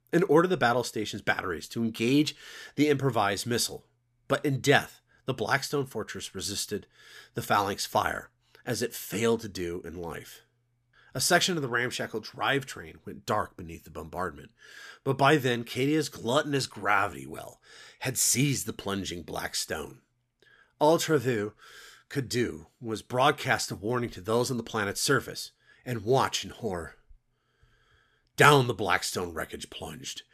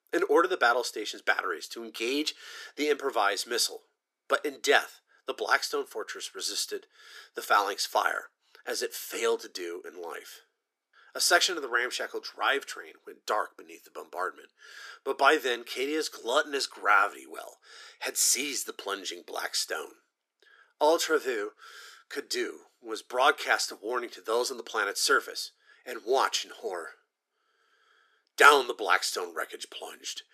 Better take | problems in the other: first | thin; very; fading below 350 Hz

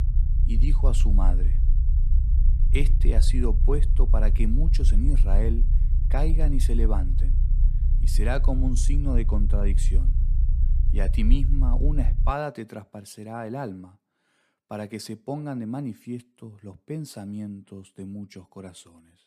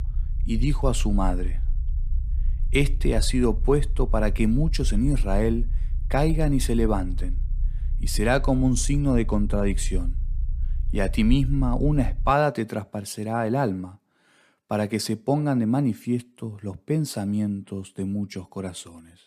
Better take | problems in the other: second | low rumble; loud; until 12 s; 10 dB below the speech; faint in the second

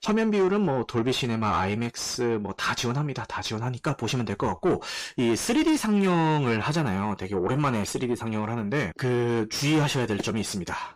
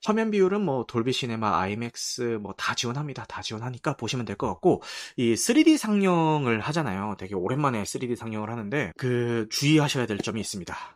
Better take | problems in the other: second | distortion; heavy; 7 dB below the speech

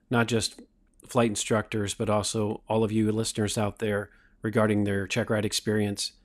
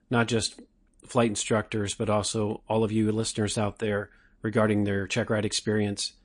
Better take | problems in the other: first | garbled, watery; slightly; nothing above 9 kHz

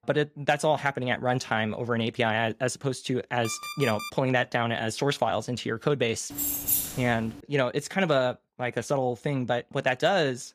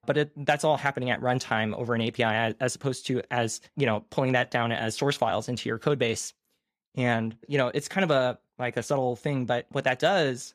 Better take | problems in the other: second | alarm; noticeable; at 3.5 s; peak 8 dB below the speech // jangling keys; loud; at 6.5 s; peak 3 dB above the speech

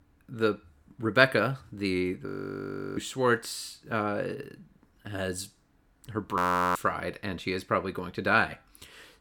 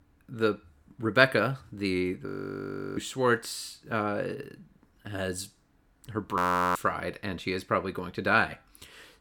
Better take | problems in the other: neither | audio freezing; at 2.5 s for 0.5 s and at 6.5 s; the same in both

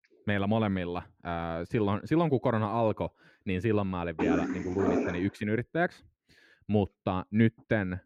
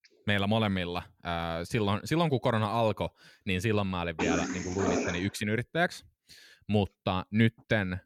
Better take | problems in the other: second | muffled; slightly; fading above 3 kHz

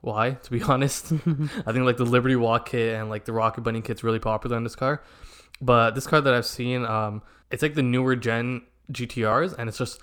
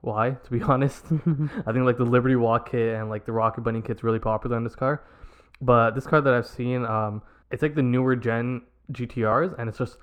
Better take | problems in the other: first | muffled; very; fading above 2.5 kHz

